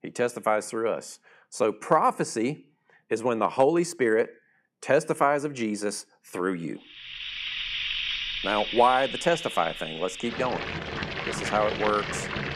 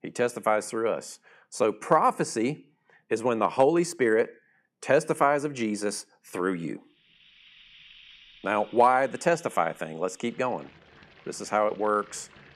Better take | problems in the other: second | household noises; loud; from 7.5 s on; 5 dB below the speech; faint in the second

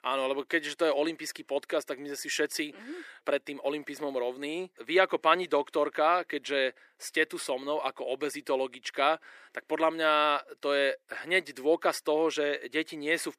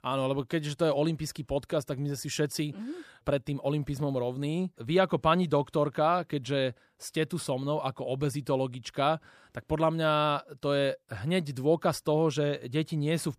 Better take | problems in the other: second | thin; somewhat; fading below 350 Hz

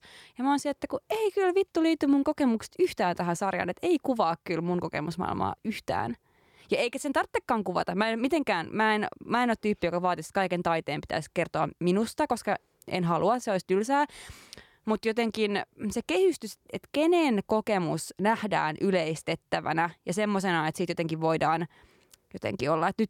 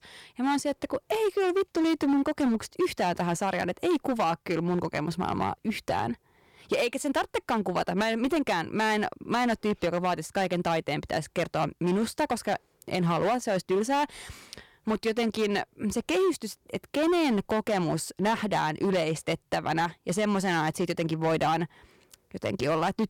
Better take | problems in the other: first | distortion; slight; 11% of the sound clipped

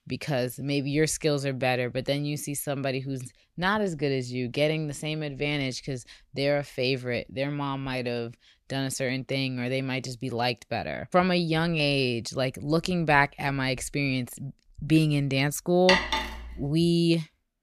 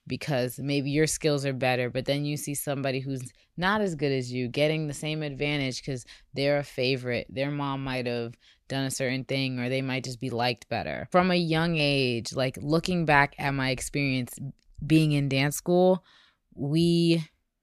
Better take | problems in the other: second | clattering dishes; loud; at 16 s; peak 4 dB above the speech

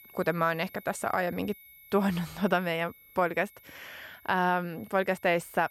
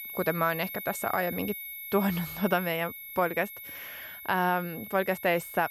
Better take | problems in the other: first | high-pitched whine; loud; throughout; 2 kHz, 9 dB below the speech; faint in the first

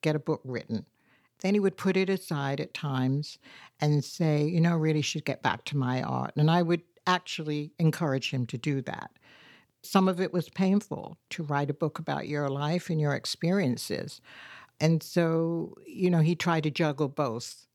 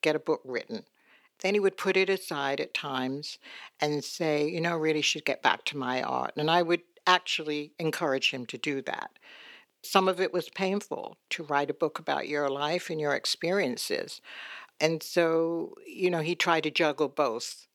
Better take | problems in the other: first | thin; somewhat; fading below 400 Hz

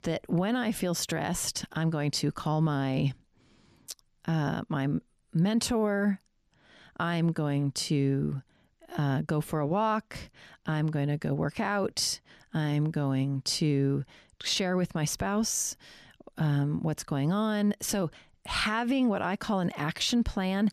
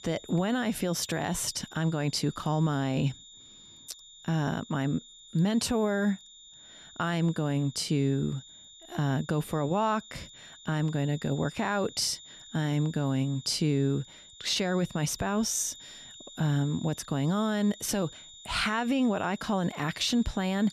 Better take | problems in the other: first | high-pitched whine; noticeable; throughout; 3.5 kHz, 20 dB below the speech

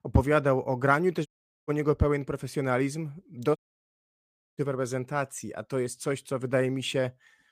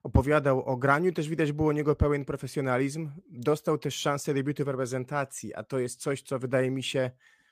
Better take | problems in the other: second | audio cutting out; at 1.5 s and at 3.5 s for 1 s

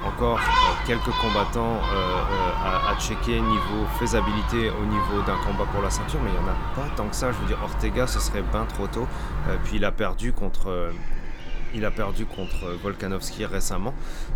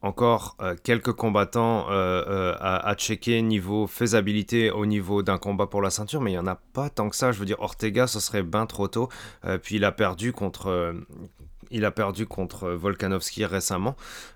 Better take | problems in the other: second | animal sounds; very loud; throughout; as loud as the speech

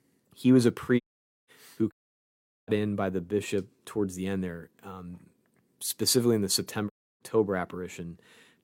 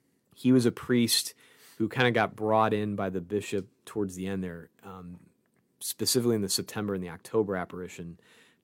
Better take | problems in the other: second | audio cutting out; at 1 s, at 2 s for 1 s and at 7 s

